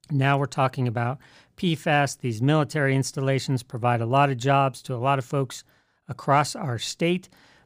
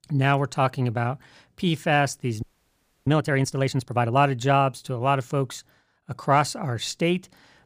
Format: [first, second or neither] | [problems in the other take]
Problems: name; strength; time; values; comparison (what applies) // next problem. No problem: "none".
first | audio freezing; at 2.5 s for 0.5 s